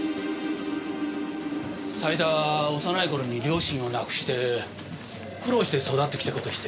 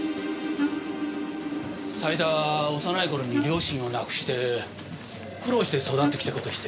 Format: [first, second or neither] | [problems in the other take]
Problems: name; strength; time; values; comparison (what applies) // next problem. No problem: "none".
first | background sound (Wind instrument, woodwind instrument); 3 dB below the speech